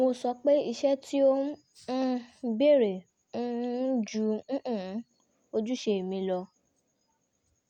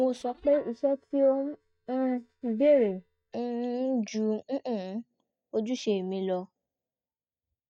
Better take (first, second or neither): first